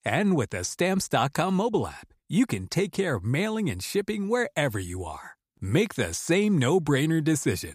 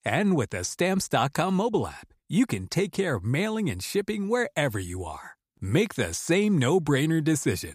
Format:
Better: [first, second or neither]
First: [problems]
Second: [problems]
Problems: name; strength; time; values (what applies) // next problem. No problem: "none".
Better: neither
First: none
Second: none